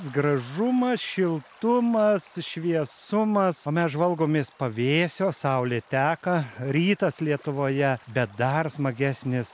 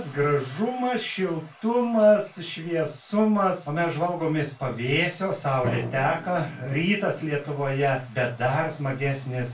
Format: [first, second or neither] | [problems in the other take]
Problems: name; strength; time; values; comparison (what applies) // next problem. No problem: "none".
first | background sound (Drum); 16 dB below the speech // room echo; dies away in 0.2 s